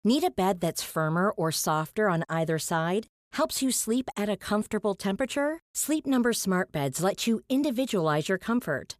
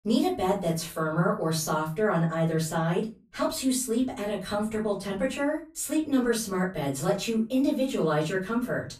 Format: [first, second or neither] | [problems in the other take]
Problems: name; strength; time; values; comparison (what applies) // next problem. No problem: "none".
first | off-mic speech; far // room echo; very slight; dies away in 0.3 s